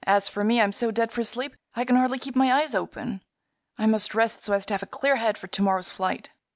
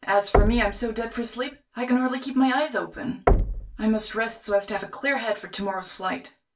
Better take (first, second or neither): first